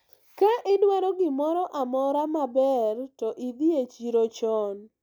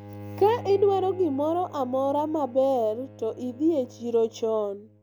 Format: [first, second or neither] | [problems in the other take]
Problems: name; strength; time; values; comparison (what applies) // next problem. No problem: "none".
first | background sound (Bowed string instrument); 17 dB below the speech